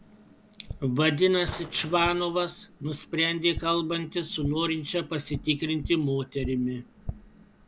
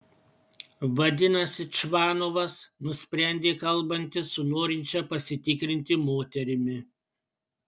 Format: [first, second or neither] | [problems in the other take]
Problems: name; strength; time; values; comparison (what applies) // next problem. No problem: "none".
second | background sound (Tap + Drawer open or close); 14 dB below the speech